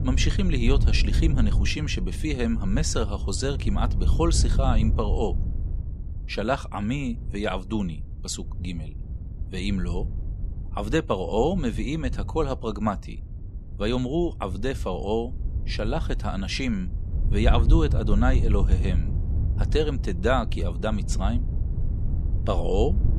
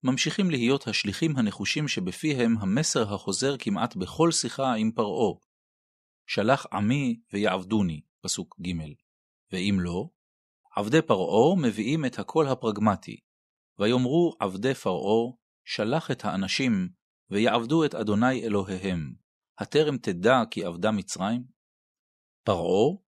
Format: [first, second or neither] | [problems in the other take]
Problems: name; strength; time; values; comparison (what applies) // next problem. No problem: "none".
second | wind noise on the microphone; occasional gusts; 15 dB below the speech